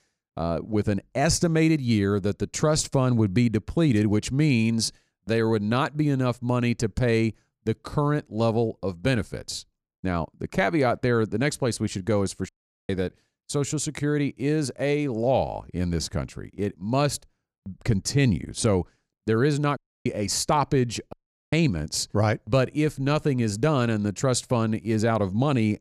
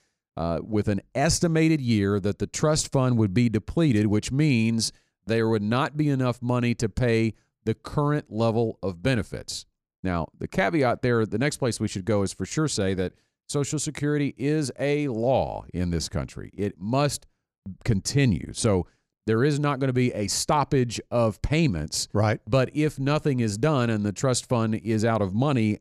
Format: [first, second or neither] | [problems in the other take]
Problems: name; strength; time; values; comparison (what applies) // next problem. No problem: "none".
second | audio cutting out; at 12 s, at 20 s and at 21 s